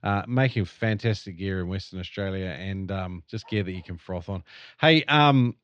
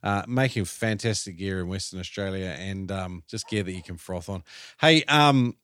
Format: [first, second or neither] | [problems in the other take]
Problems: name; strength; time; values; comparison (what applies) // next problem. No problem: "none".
second | muffled; very slightly; fading above 4 kHz